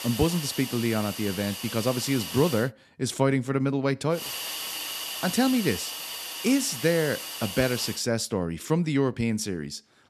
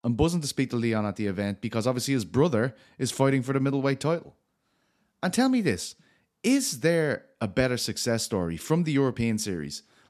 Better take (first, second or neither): second